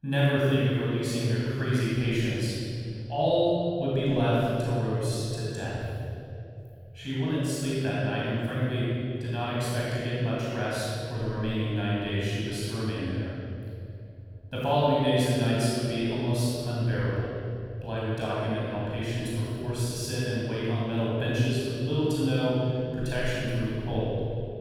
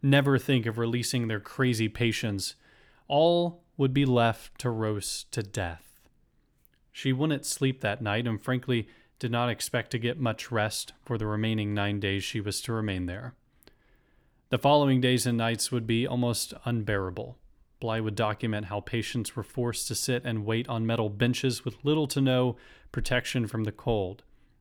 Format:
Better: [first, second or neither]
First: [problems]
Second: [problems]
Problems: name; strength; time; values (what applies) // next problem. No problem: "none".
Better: second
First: room echo; strong; dies away in 3 s // off-mic speech; far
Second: none